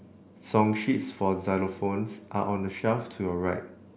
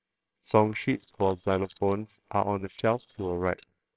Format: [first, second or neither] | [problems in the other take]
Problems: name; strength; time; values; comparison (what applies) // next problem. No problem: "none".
first | noise reduction (neural separator model SepFormer WHAMR!)